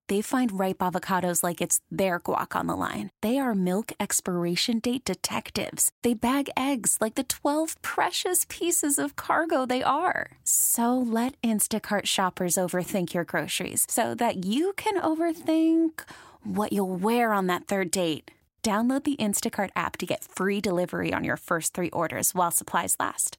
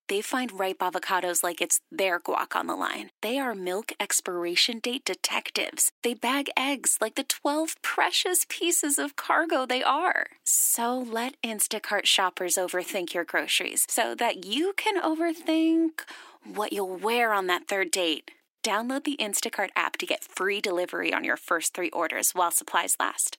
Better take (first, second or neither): first